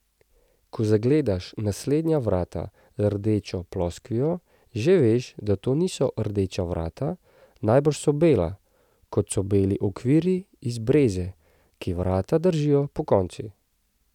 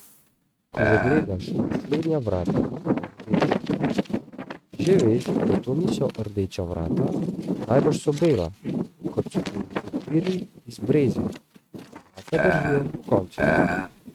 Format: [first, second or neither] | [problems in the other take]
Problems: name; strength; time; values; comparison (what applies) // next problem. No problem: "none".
first | noise reduction (neural mask model RNNoise)